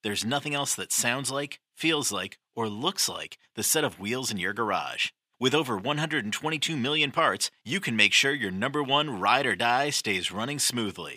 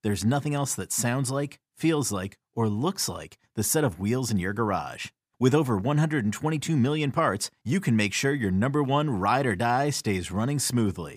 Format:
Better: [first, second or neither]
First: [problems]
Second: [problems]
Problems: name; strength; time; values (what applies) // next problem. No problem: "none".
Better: second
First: thin; somewhat; fading below 450 Hz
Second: none